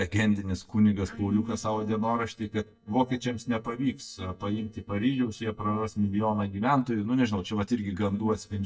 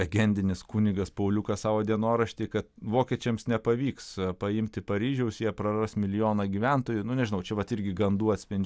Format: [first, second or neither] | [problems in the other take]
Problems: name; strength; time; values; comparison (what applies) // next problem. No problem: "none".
second | noise reduction (neural mask model DeepFilterNet 3)